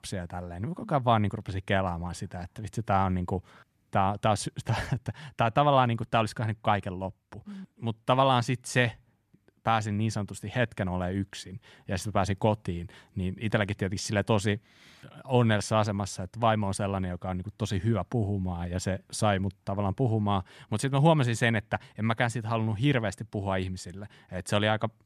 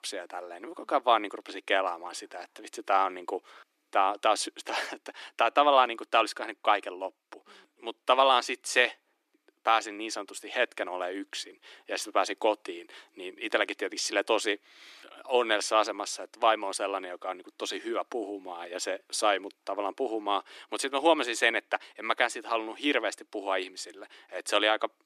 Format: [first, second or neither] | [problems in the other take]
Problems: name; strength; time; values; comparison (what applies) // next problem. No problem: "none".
first | thin; very; fading below 300 Hz